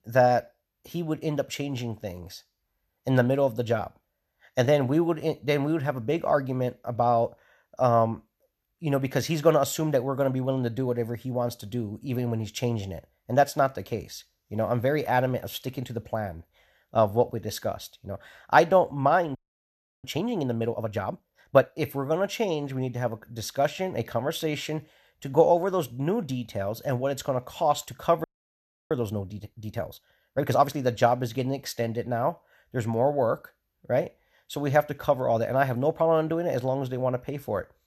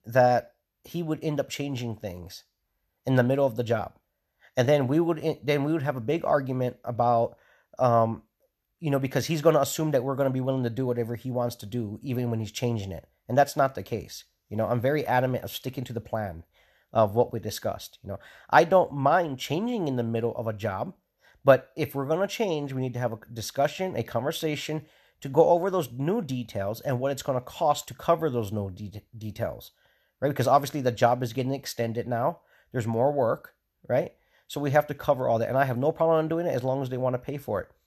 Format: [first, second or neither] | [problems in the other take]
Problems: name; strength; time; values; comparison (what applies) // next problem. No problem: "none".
second | audio freezing; at 19 s for 0.5 s and at 28 s for 0.5 s